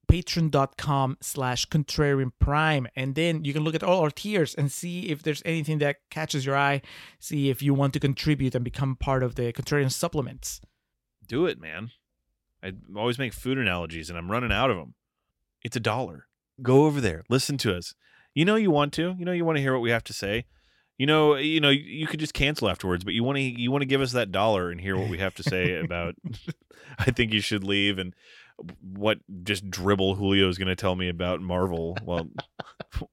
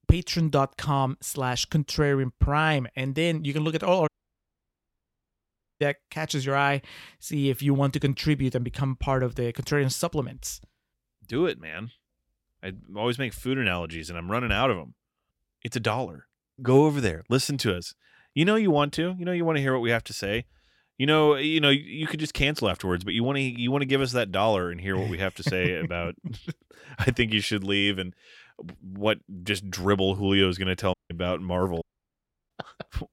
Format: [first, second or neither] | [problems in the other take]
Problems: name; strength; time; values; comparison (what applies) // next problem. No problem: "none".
first | audio cutting out; at 4 s for 1.5 s, at 31 s and at 32 s for 0.5 s